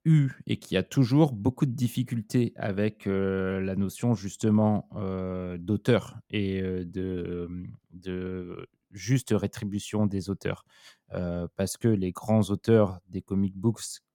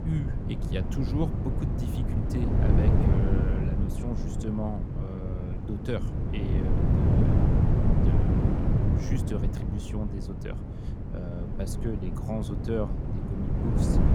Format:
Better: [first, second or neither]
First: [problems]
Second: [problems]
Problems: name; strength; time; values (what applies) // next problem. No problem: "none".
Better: first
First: none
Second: wind noise on the microphone; heavy; 3 dB above the speech